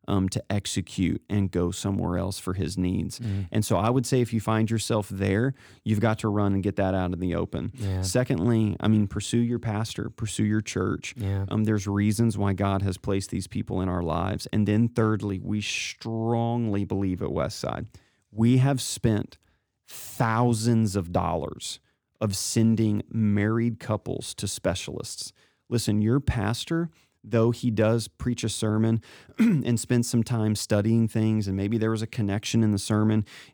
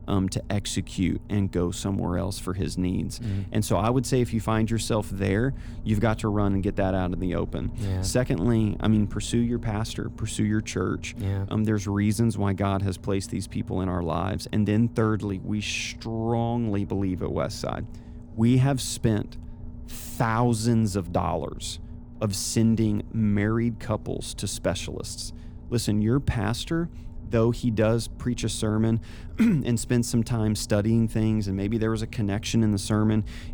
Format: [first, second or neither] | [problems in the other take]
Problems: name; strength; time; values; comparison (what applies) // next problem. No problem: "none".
first | low rumble; faint; throughout; 20 dB below the speech